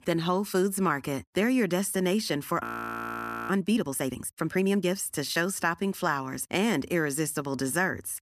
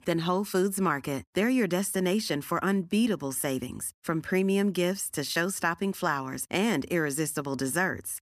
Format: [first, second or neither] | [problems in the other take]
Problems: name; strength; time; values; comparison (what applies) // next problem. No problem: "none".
second | audio freezing; at 2.5 s for 1 s